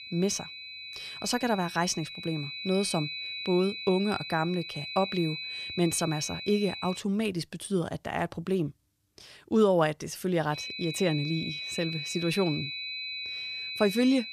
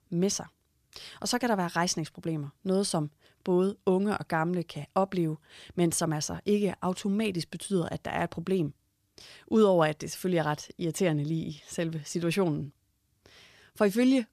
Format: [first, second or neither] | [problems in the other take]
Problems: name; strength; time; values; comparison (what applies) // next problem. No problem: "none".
second | high-pitched whine; loud; until 7 s and from 11 s on; 4 kHz, 6 dB below the speech